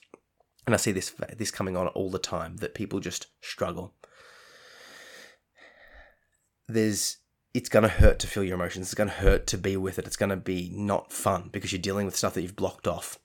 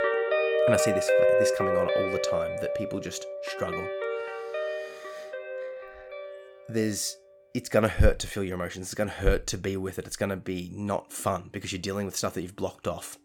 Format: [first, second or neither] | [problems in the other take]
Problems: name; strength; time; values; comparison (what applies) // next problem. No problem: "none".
first | background music; very loud; throughout; 3 dB above the speech